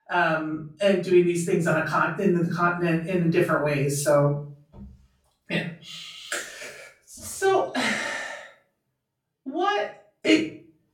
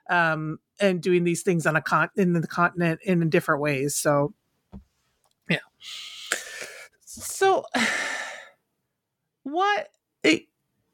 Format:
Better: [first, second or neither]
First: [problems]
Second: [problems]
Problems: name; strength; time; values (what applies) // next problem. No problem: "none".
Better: second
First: off-mic speech; far // room echo; noticeable; dies away in 0.4 s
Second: none